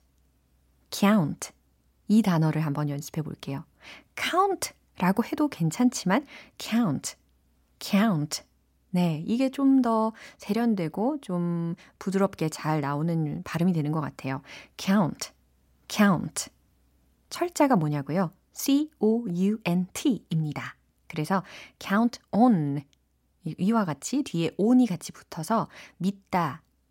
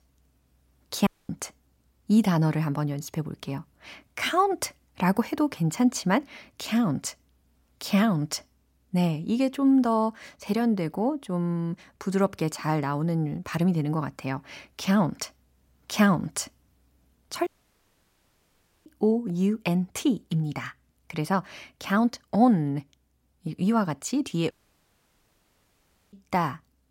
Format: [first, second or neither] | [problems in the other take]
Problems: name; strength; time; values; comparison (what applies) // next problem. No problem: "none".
first | audio cutting out; at 1 s, at 17 s for 1.5 s and at 25 s for 1.5 s